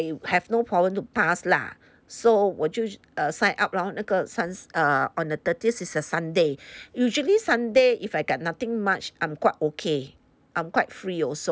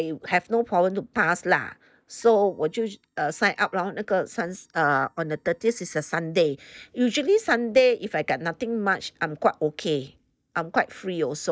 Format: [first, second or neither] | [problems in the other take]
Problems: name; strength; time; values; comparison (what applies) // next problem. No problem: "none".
first | noise reduction (neural mask model DeepFilterNet 3)